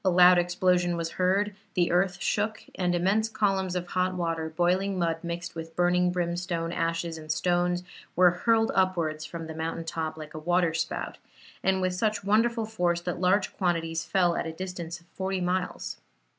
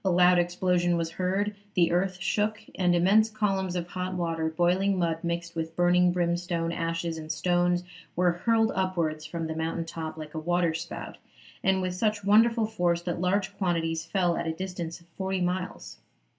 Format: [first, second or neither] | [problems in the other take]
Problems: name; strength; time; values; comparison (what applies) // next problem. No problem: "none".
first | room echo; dies away in 0.2 s